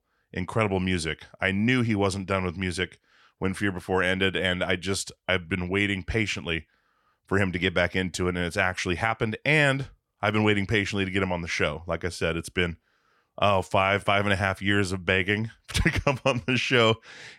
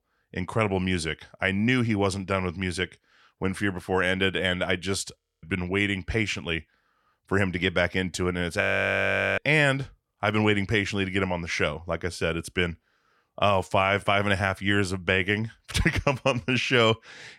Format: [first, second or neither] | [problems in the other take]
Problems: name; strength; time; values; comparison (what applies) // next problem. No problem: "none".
first | audio freezing; at 5 s and at 8.5 s for 1 s